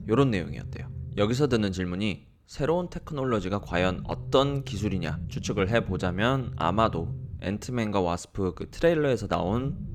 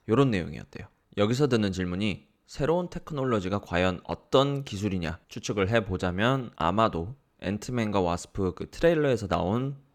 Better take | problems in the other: second | low rumble; faint; throughout; 20 dB below the speech

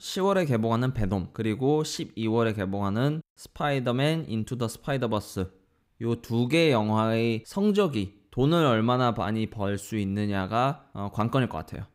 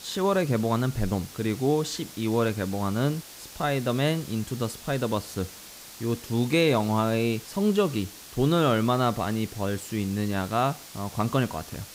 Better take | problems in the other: first | hiss; noticeable; throughout; 15 dB below the speech

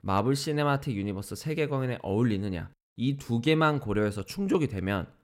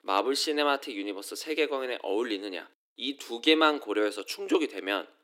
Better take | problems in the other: first | thin; somewhat; fading below 300 Hz

